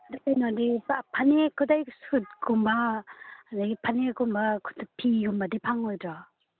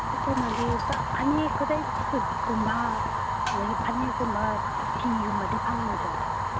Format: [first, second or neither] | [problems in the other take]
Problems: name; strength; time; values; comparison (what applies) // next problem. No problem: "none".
first | background sound (Fire); 3 dB above the speech